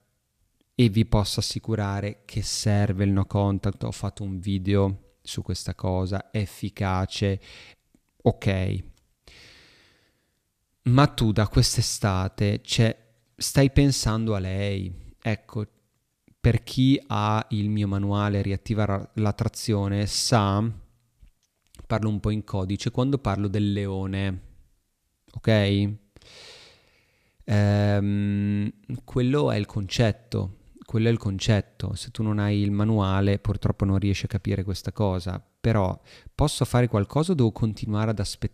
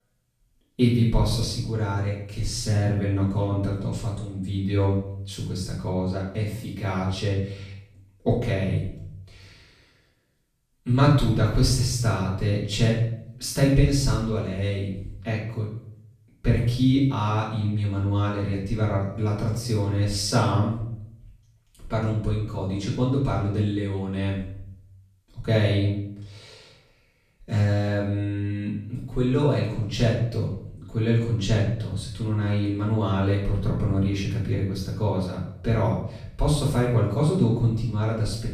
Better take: first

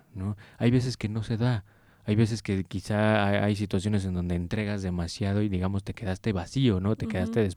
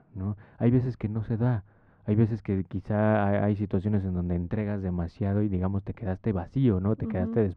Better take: first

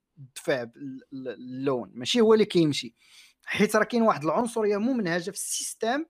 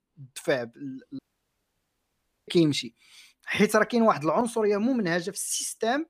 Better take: first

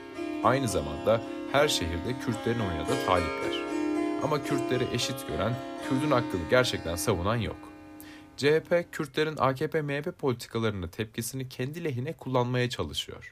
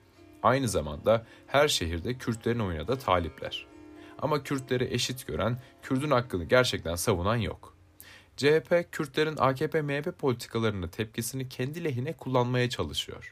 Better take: second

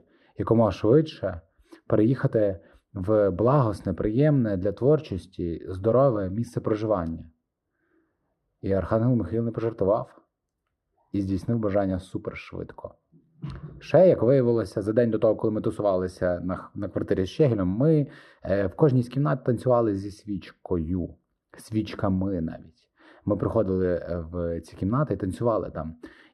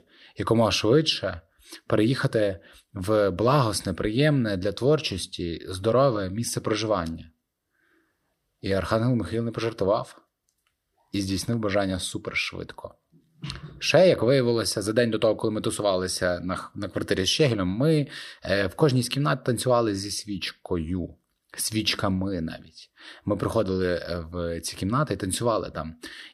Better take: second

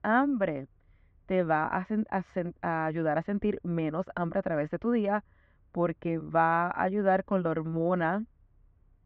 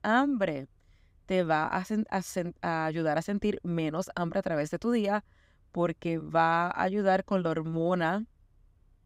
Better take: second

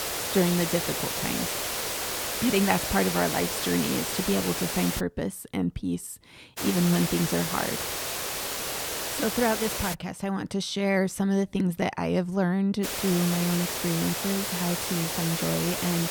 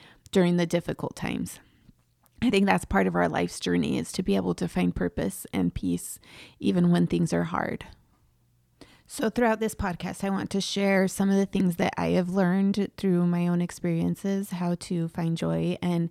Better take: second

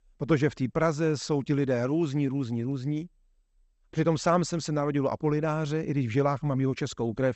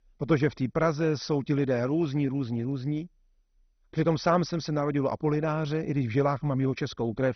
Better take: first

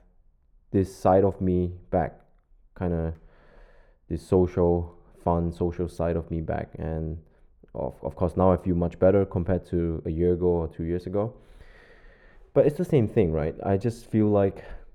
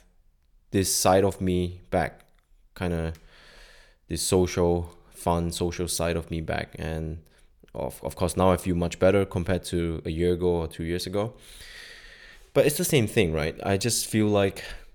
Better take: second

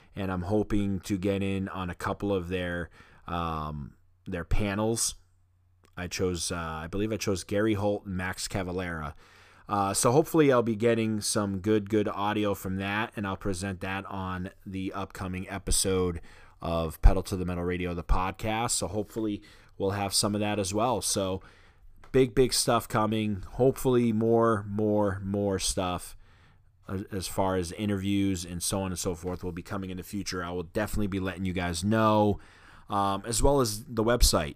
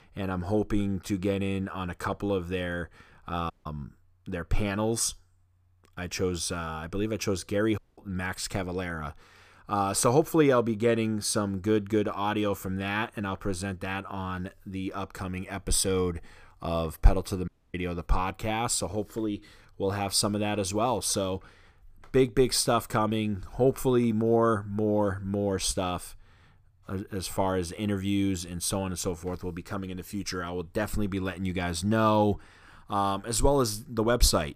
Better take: first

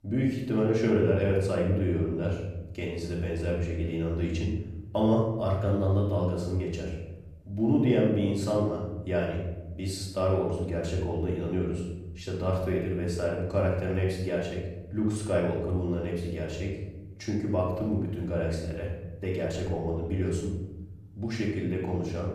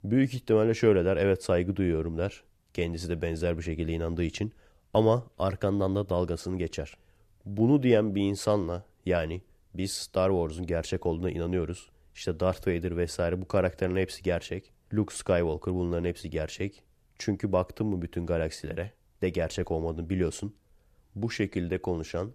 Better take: second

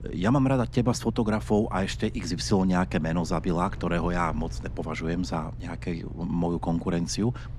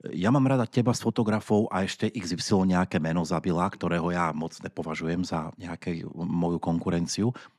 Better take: second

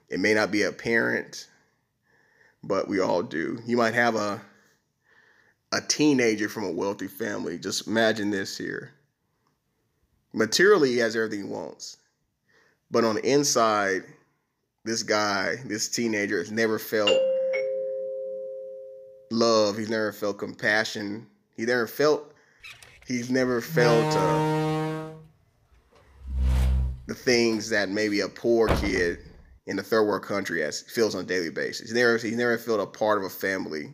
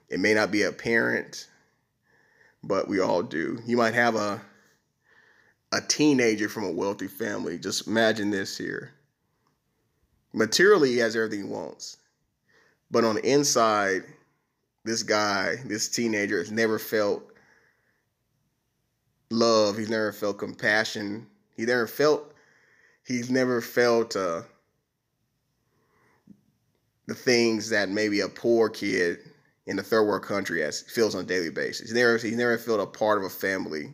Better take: second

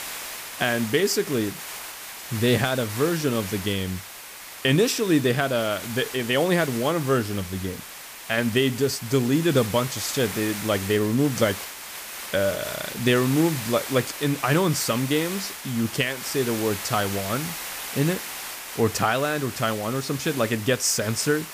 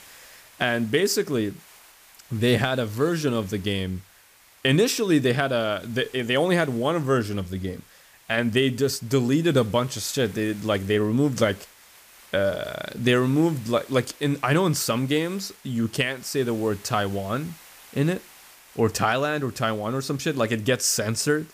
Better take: second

